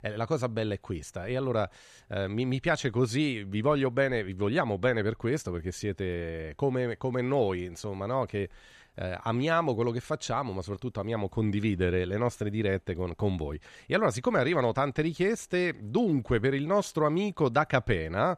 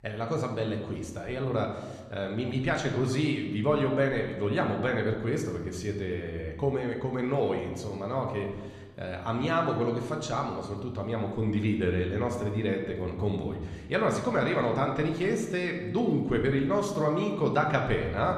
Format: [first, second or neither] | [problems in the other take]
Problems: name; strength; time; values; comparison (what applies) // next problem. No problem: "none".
first | room echo; slight; dies away in 1 s